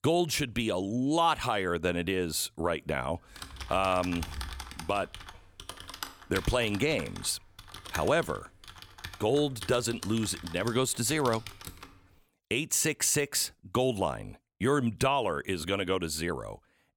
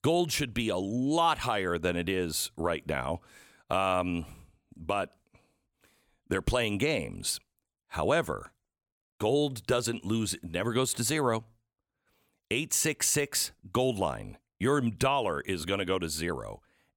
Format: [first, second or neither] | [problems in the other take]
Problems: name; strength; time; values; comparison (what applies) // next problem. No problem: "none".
second | keyboard typing; noticeable; from 3.5 to 12 s; peak 9 dB below the speech